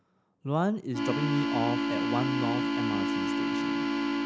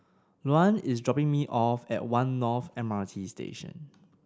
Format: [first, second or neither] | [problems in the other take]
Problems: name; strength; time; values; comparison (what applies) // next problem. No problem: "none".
second | background sound (Organ); 5 dB above the speech